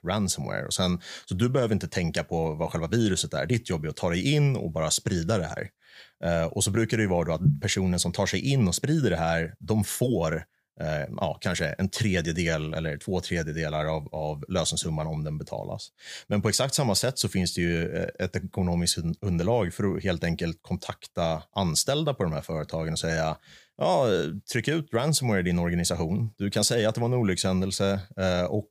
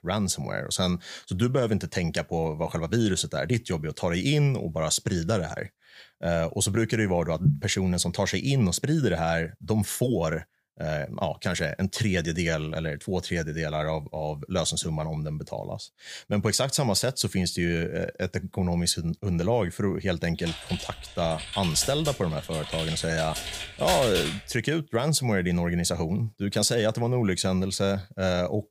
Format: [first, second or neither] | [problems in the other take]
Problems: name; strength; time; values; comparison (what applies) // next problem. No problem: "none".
first | keyboard typing; noticeable; from 20 to 24 s; peak level with the speech